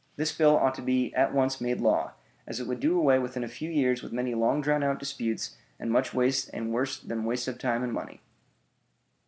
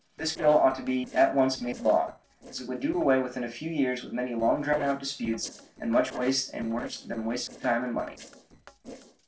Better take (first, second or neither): first